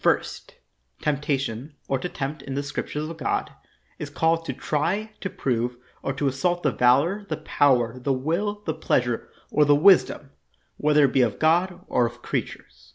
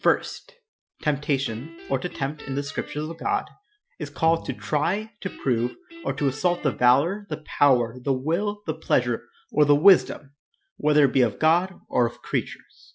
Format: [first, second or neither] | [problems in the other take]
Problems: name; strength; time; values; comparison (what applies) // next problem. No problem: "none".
first | noise reduction (classical method Wiener filter)